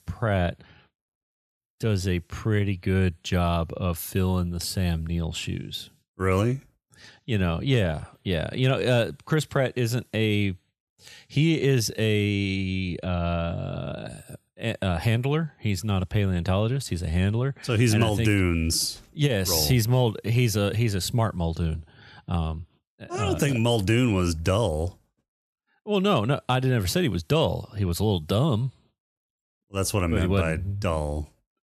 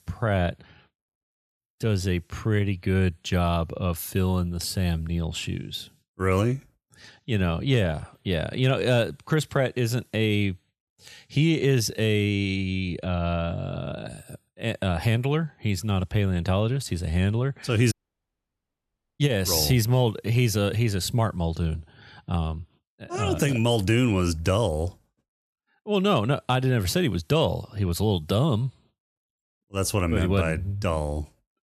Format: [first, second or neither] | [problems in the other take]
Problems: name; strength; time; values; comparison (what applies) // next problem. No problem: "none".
first | audio cutting out; at 18 s for 1.5 s